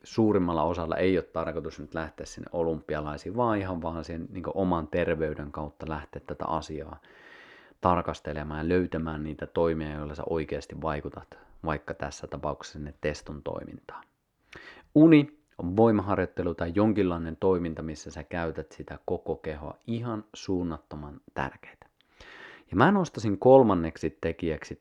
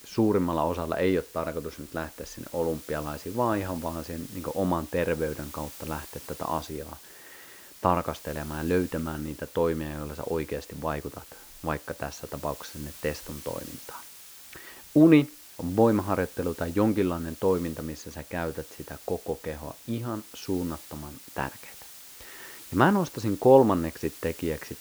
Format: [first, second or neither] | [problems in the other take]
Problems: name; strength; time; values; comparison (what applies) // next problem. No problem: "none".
first | hiss; noticeable; throughout; 15 dB below the speech